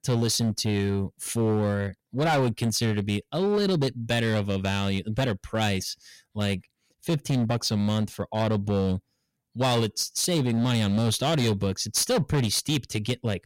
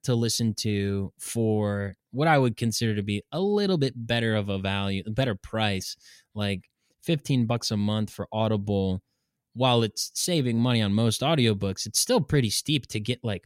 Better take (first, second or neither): second